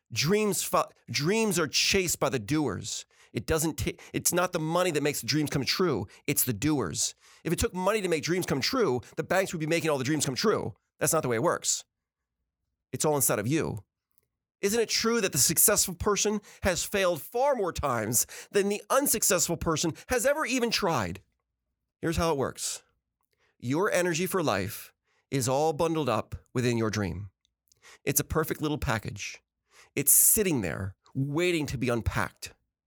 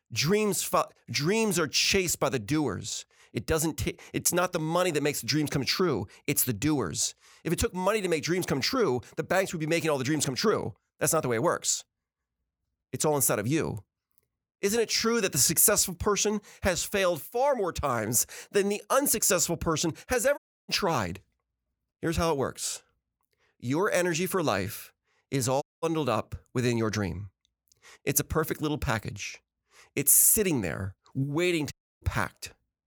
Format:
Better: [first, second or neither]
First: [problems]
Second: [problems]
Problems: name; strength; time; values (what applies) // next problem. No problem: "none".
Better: first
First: none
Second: audio cutting out; at 20 s, at 26 s and at 32 s